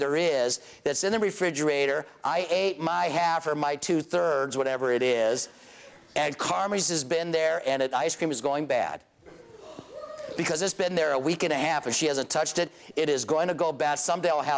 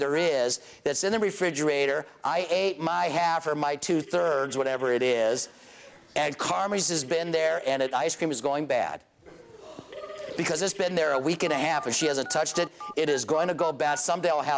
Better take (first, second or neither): first